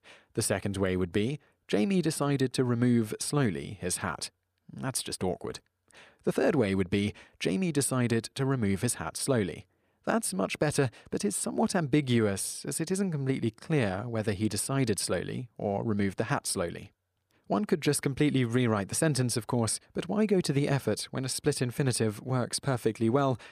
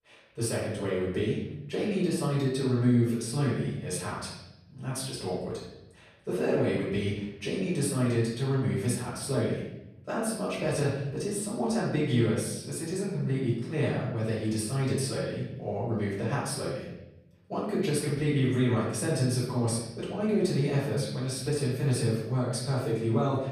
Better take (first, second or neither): first